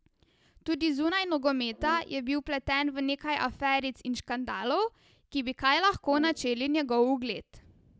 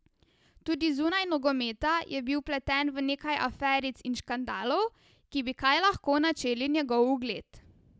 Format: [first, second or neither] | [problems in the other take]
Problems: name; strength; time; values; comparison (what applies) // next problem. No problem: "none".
second | background sound (Brass instrument); 18 dB below the speech